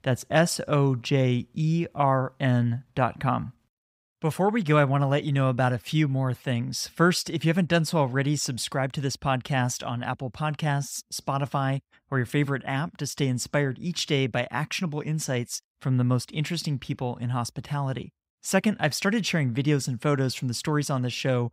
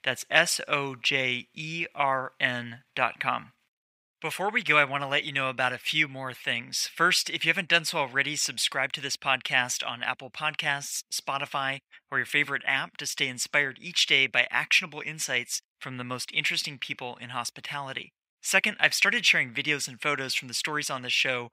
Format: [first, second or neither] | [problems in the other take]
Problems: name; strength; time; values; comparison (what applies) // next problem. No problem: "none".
first | thin; very; fading below 1 kHz